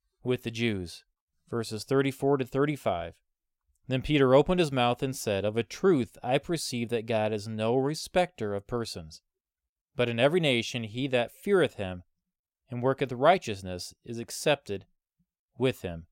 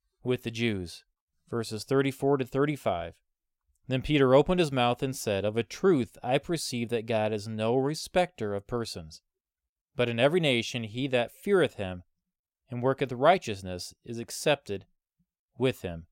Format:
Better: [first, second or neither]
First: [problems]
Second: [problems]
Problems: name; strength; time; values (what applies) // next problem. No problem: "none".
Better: neither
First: none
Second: none